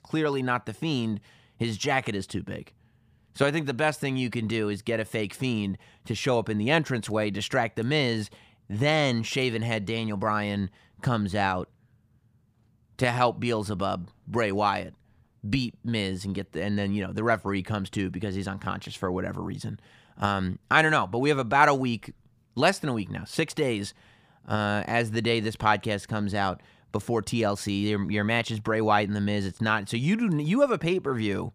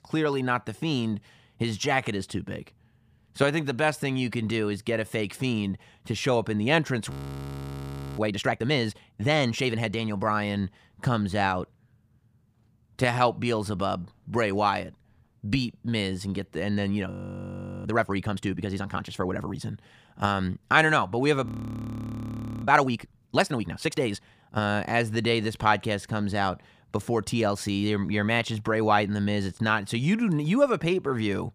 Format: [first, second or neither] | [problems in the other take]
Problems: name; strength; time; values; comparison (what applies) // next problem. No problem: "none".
first | audio freezing; at 7 s for 1 s, at 17 s for 0.5 s and at 21 s for 1 s